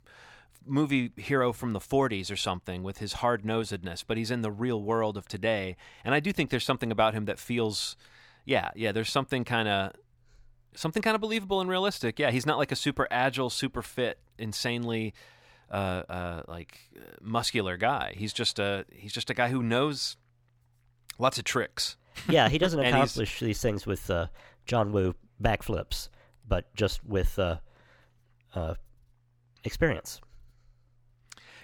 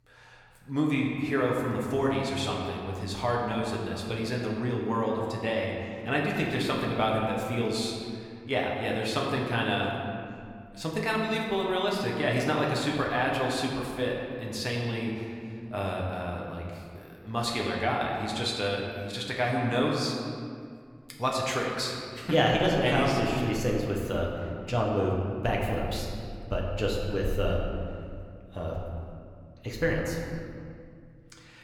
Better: first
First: none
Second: room echo; noticeable; dies away in 2.1 s // off-mic speech; somewhat distant

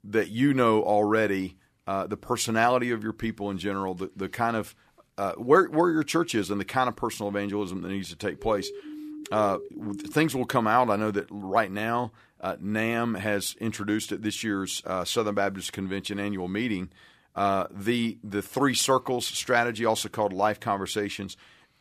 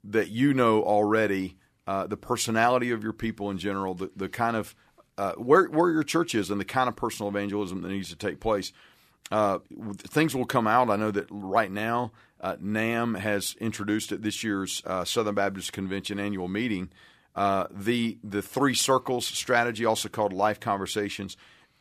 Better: second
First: siren; faint; from 8.5 to 10 s; peak 10 dB below the speech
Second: none

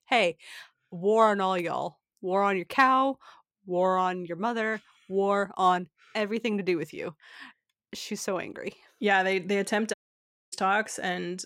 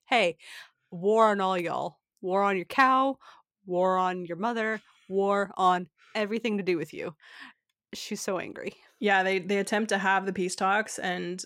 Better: second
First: audio cutting out; at 10 s for 0.5 s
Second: none

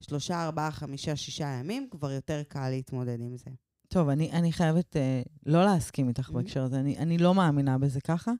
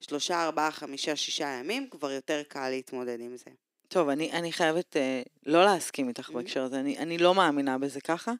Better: first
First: none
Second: thin; somewhat; fading below 300 Hz

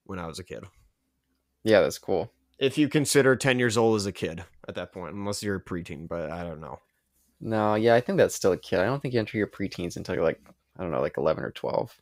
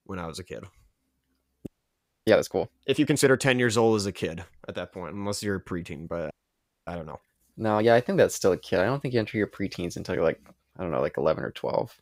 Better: first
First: none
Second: audio freezing; at 1.5 s for 0.5 s and at 6.5 s for 0.5 s

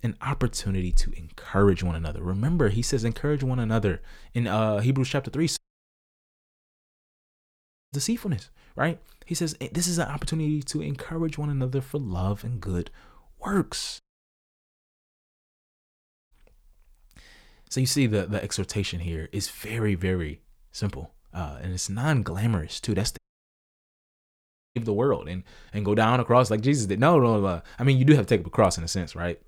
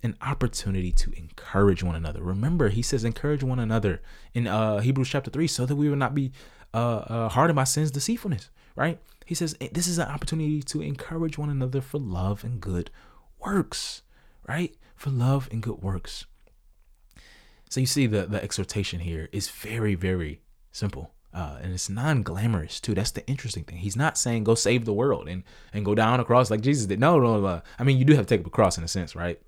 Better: second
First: audio cutting out; at 5.5 s for 2.5 s, at 14 s for 2.5 s and at 23 s for 1.5 s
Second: none

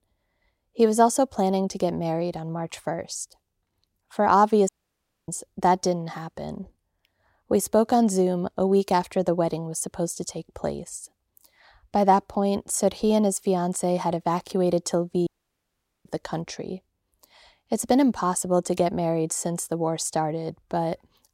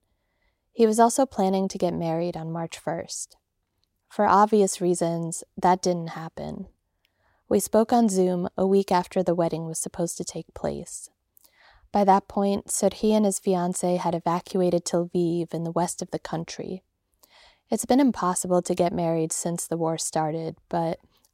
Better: second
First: audio cutting out; at 4.5 s for 0.5 s and at 15 s for 1 s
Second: none

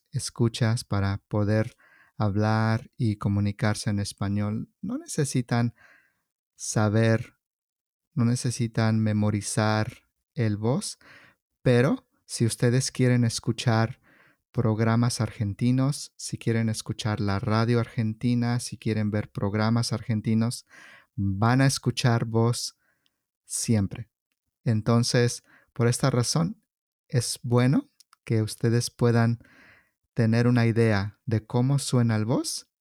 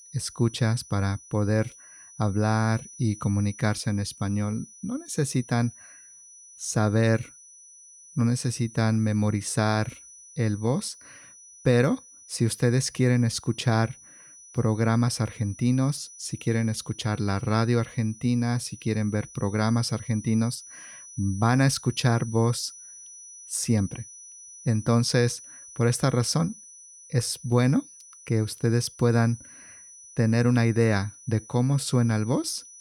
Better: first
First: none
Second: high-pitched whine; noticeable; throughout; 6 kHz, 20 dB below the speech

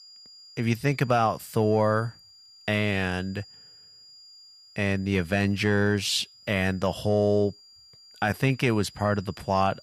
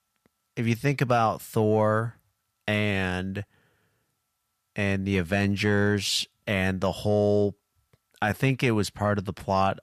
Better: second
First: high-pitched whine; faint; throughout; 5 kHz, 25 dB below the speech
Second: none

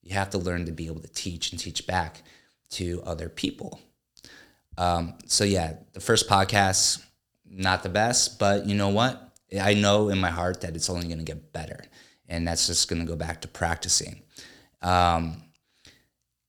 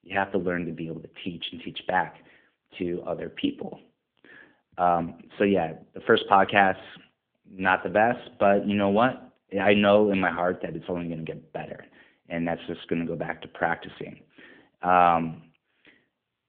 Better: first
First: none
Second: phone-call audio; nothing above 3.5 kHz

